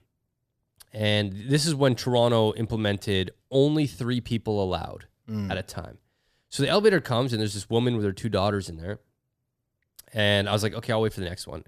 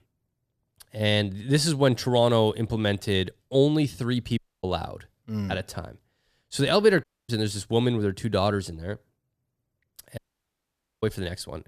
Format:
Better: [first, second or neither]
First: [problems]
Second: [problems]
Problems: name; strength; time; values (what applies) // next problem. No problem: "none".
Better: first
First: none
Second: audio cutting out; at 4.5 s, at 7 s and at 10 s for 1 s